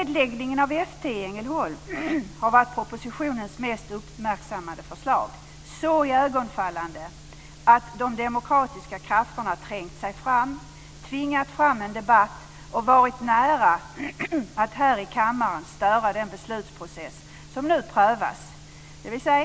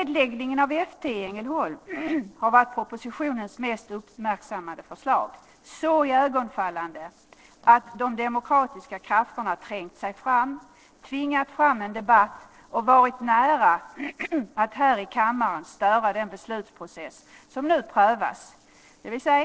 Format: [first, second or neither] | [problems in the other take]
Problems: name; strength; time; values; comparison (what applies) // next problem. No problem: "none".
first | noise reduction (neural separator model SepFormer DNS4)